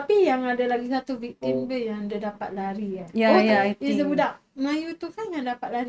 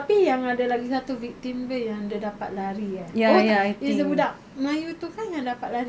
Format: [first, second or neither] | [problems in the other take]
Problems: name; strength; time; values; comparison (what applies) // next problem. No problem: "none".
second | noise reduction (neural mask model RNNoise)